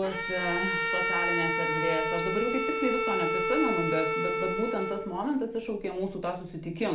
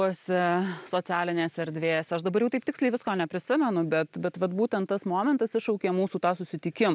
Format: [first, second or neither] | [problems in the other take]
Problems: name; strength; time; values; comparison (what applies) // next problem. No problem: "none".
second | background sound (Bowed string instrument); 1 dB above the speech // room echo; dies away in 0.4 s